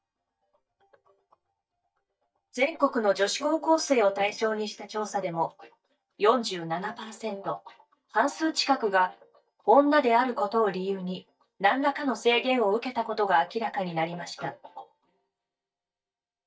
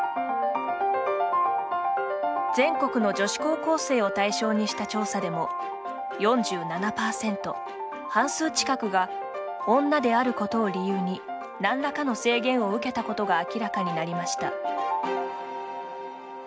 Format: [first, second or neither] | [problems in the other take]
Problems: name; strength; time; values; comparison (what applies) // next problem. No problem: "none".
second | noise reduction (neural mask model DeepFilterNet 3)